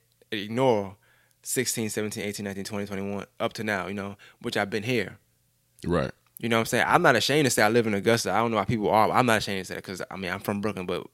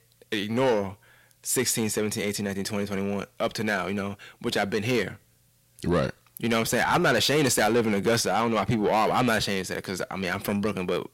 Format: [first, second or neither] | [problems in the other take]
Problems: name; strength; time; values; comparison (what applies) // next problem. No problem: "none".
first | distortion; heavy; 7 dB below the speech